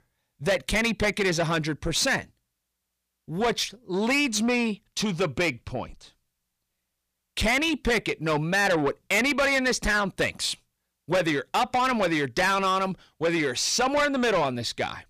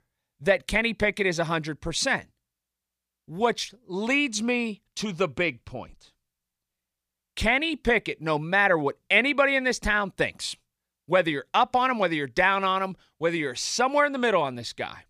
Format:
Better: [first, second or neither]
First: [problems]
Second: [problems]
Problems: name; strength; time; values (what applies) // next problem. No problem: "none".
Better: second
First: distortion; heavy; 7 dB below the speech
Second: none